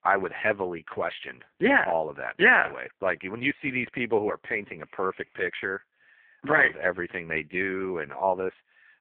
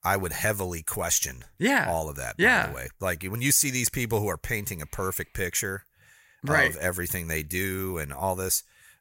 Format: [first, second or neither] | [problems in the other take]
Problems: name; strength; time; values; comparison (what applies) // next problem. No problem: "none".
second | phone-call audio; poor line